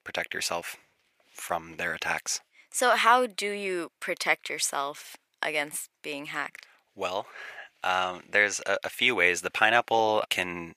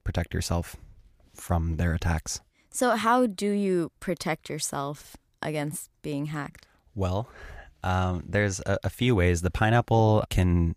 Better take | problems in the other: second | thin; very; fading below 550 Hz

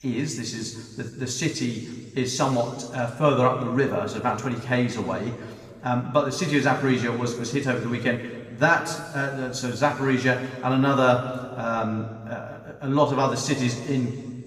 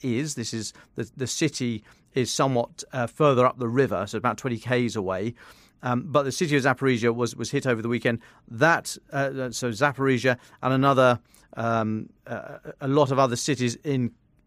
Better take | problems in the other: second | room echo; noticeable; dies away in 1.8 s // off-mic speech; somewhat distant

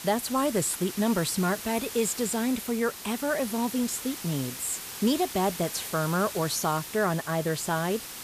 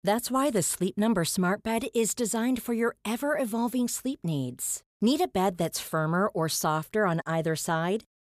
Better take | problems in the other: second | hiss; loud; throughout; 9 dB below the speech

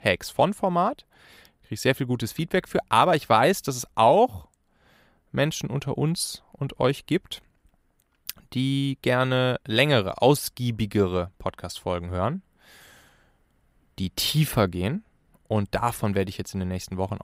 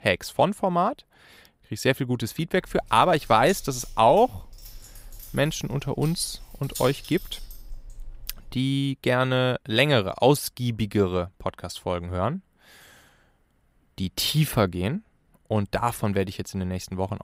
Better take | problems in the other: first | jangling keys; faint; from 2.5 to 8.5 s; peak 10 dB below the speech

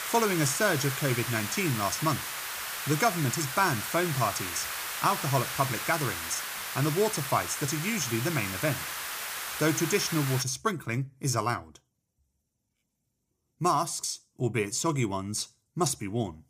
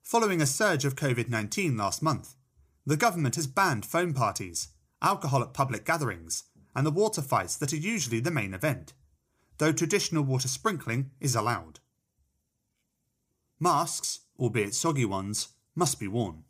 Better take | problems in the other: second | hiss; loud; until 10 s; 4 dB below the speech

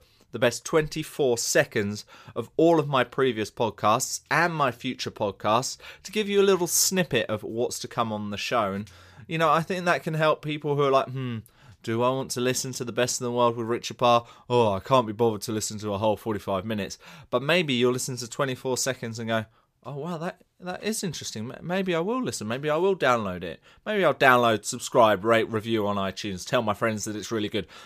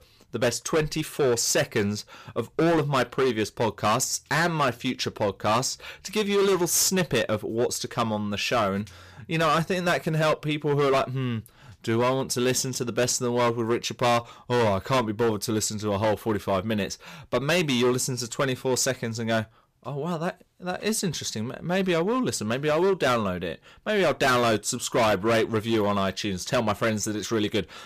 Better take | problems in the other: first | distortion; heavy; 10% of the sound clipped

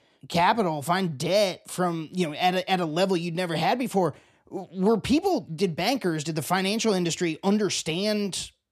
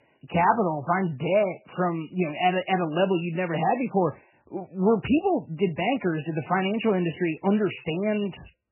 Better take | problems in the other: first | garbled, watery; badly; nothing above 3 kHz

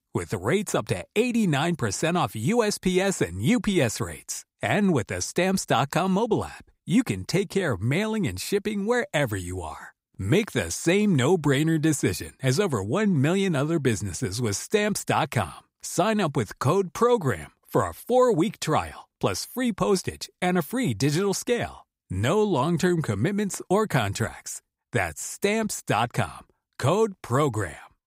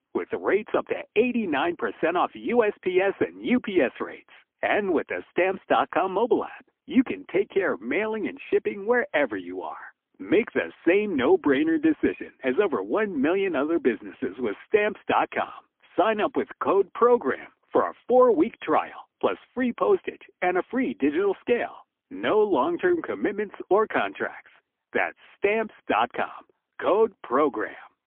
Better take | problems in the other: first | phone-call audio; poor line; nothing above 3.5 kHz

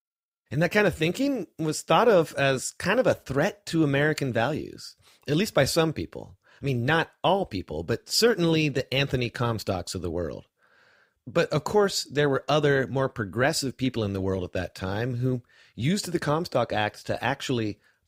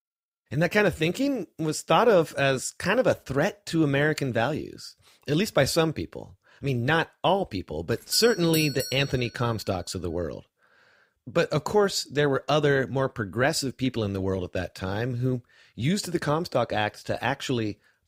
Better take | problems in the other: first | doorbell; noticeable; from 8 to 9 s; peak 5 dB below the speech

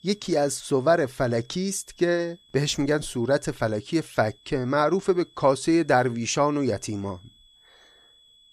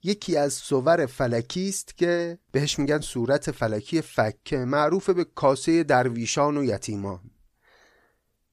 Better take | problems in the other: second | high-pitched whine; faint; throughout; 3.5 kHz, 30 dB below the speech

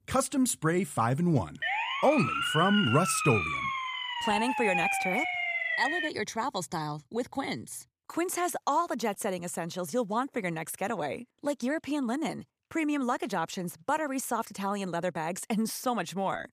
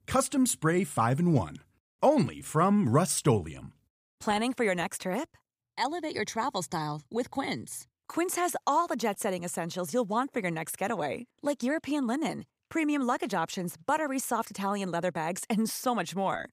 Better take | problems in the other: second | siren; loud; from 1.5 to 6 s; peak 3 dB above the speech

